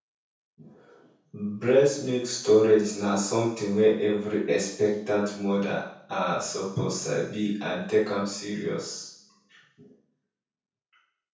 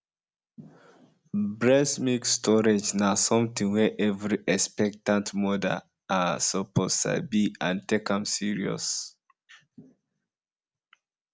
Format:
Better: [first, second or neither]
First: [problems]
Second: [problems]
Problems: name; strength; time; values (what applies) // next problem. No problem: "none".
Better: second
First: room echo; dies away in 0.6 s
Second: none